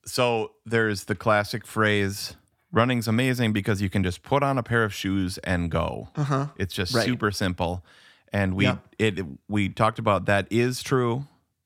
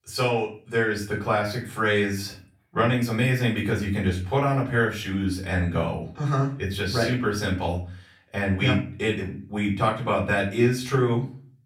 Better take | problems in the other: first | room echo; slight; dies away in 0.4 s // off-mic speech; far

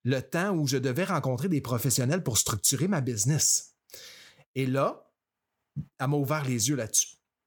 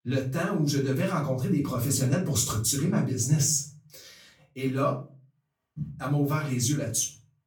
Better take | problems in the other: first | off-mic speech; far // room echo; slight; dies away in 0.4 s

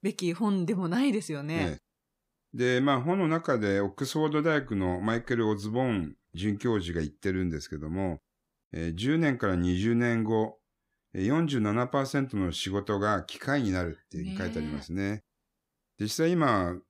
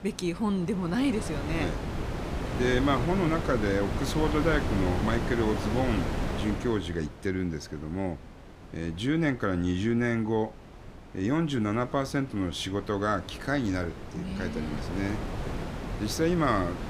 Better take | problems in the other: first | wind noise on the microphone; heavy; 6 dB below the speech

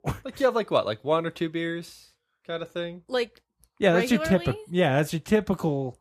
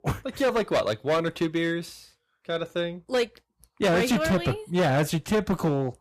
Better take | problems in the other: first | distortion; heavy; 11% of the sound clipped

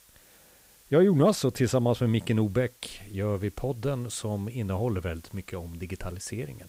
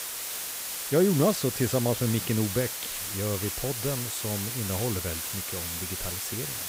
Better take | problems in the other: first | hiss; loud; throughout; 2 dB below the speech; faint in the first

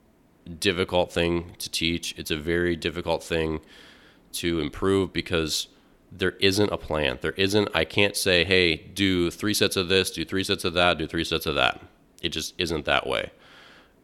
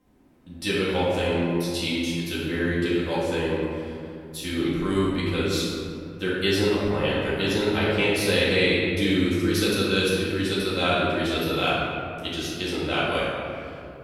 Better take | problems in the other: first | off-mic speech; far // room echo; strong; dies away in 2.5 s

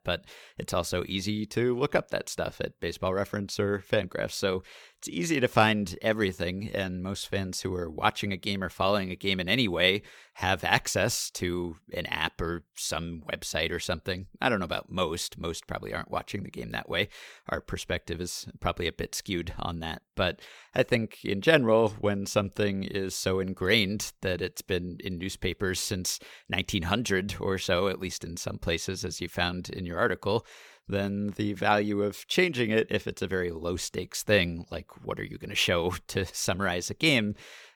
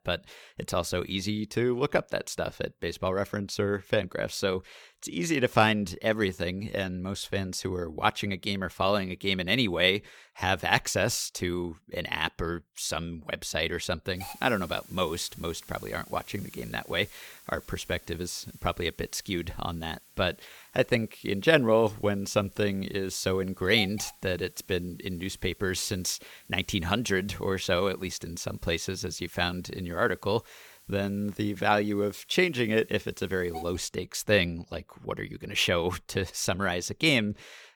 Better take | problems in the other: first | hiss; faint; from 14 to 34 s; 20 dB below the speech

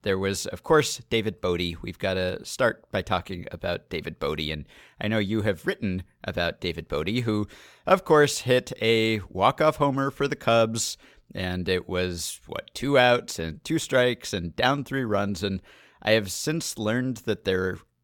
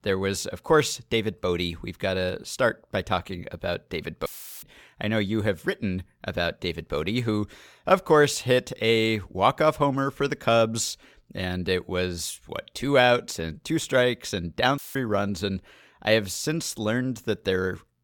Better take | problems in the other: first | audio cutting out; filled with static; at 4.5 s and at 15 s

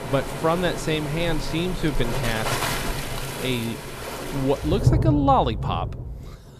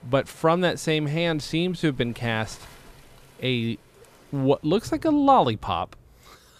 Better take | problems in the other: second | rain or running water; loud; throughout; 3 dB below the speech; faint in the second

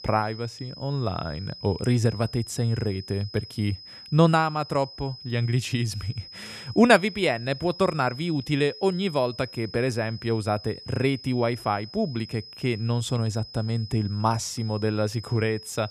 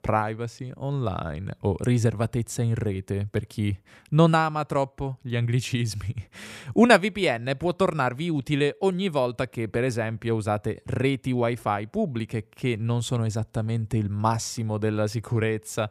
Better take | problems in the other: second | high-pitched whine; noticeable; throughout; 5 kHz, 15 dB below the speech

